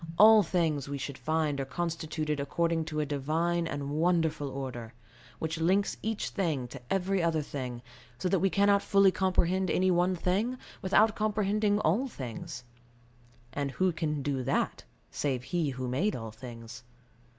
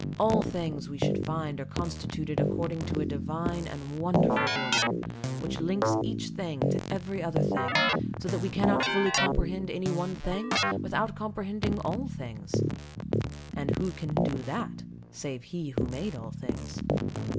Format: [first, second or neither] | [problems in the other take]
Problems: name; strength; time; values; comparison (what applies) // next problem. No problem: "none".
first | background sound (Keyboard (musical)); 3 dB above the speech